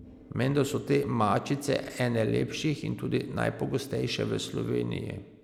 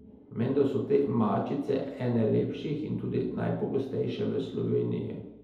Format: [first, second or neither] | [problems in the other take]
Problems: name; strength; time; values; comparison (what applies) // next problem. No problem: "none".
first | room echo; dies away in 2 s